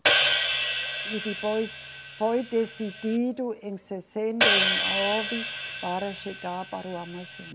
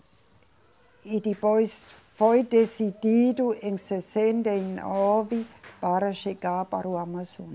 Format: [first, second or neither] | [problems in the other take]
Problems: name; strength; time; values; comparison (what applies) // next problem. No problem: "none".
second | background sound (Hi-hat); 3 dB above the speech